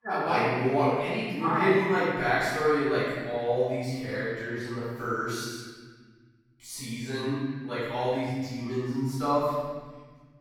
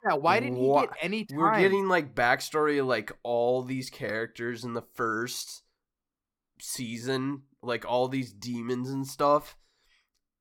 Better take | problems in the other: second | off-mic speech; far // room echo; strong; dies away in 1.6 s

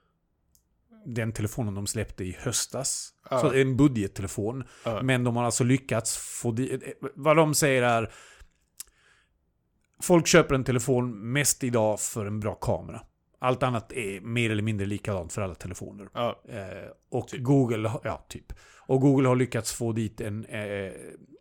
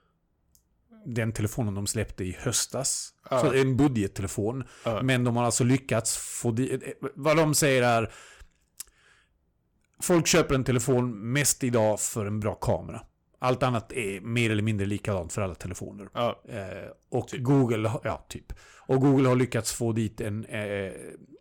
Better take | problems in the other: first | distortion; slight; 3% of the sound clipped

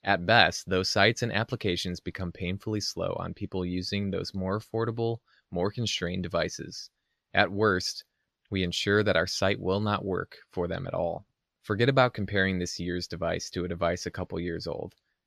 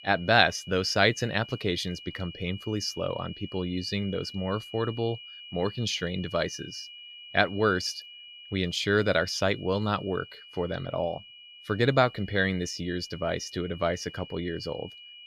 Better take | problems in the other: first | high-pitched whine; noticeable; throughout; 3 kHz, 15 dB below the speech

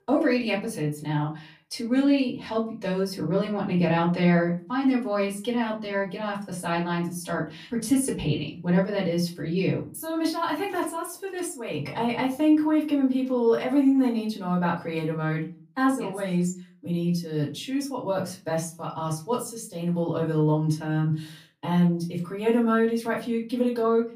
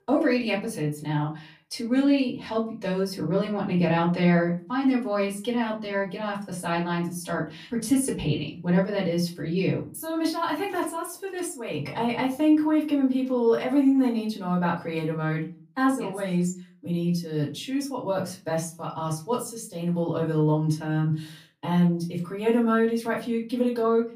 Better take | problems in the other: neither | off-mic speech; far; the same in both // room echo; very slight; dies away in 0.3 s; the same in both

